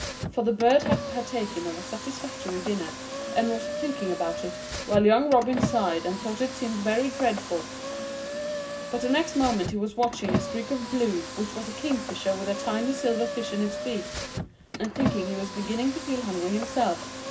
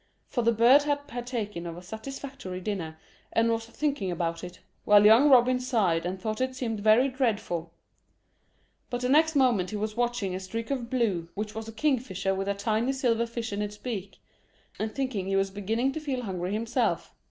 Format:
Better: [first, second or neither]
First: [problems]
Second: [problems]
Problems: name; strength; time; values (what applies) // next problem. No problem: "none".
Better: second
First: background sound (Car); 6 dB below the speech // room echo; dies away in 0.4 s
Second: none